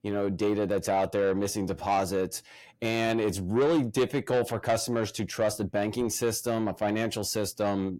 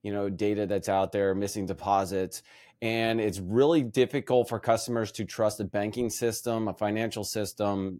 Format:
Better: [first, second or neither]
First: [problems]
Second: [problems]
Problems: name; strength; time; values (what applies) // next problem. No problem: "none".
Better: second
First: distortion; slight; 10 dB below the speech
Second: none